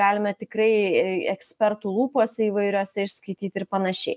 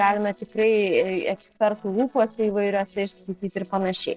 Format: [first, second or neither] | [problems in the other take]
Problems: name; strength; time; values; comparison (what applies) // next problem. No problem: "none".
first | noise reduction (neural separator model SepFormer DNS4)